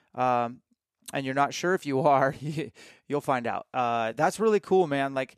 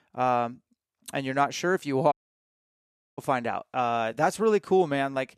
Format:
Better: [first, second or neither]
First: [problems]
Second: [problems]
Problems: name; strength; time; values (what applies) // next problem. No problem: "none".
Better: first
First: none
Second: audio cutting out; at 2 s for 1 s